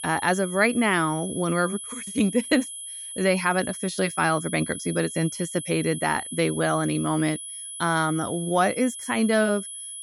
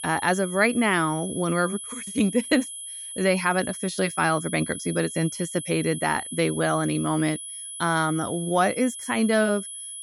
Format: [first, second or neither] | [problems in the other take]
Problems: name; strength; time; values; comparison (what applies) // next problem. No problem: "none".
neither | high-pitched whine; loud; throughout; 10.5 kHz, 9 dB below the speech; the same in both